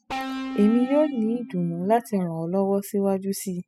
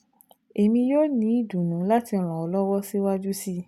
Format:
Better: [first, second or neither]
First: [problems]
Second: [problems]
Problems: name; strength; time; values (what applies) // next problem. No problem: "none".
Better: second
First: noise reduction (classical method spectral subtraction)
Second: none